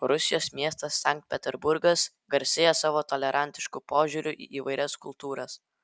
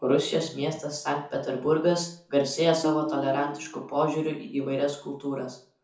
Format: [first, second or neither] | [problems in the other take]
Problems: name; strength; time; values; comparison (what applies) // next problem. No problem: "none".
first | background sound (Tabla); 8 dB below the speech // room echo; dies away in 0.6 s